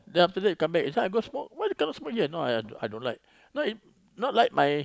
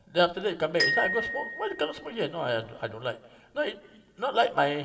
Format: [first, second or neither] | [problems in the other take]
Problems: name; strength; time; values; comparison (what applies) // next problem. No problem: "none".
first | background sound (Glockenspiel); 5 dB below the speech // room echo; dies away in 2.1 s